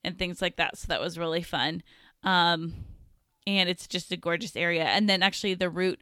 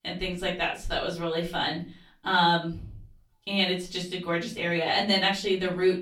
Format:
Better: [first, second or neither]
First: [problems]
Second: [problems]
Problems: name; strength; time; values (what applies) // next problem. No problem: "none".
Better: first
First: none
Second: off-mic speech; far // room echo; slight; dies away in 0.3 s